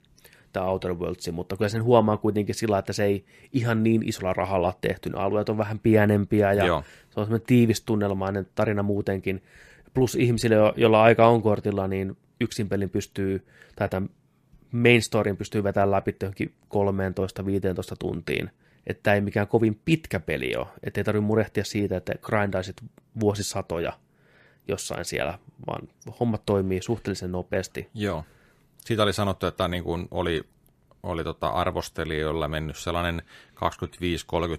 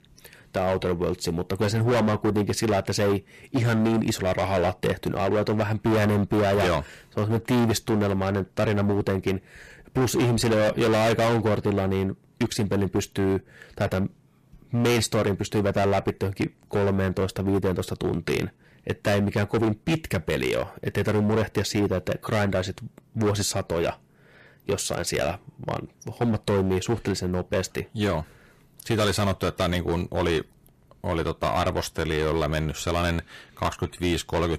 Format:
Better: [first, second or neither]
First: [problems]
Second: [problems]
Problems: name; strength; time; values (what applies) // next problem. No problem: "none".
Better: first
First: none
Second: distortion; heavy; 14% of the sound clipped